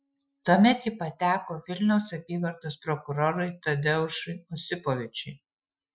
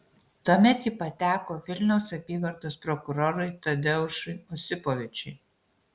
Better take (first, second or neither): second